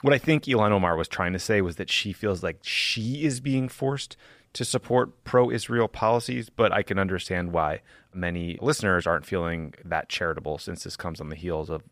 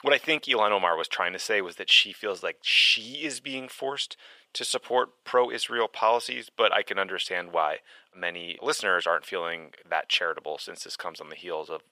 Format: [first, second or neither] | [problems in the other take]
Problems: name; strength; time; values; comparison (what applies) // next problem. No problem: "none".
first | thin; very; fading below 550 Hz